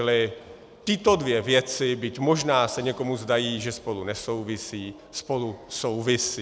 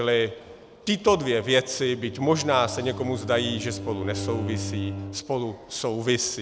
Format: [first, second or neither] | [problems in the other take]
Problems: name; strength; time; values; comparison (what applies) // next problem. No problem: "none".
first | background sound (Bowed string instrument); 11 dB below the speech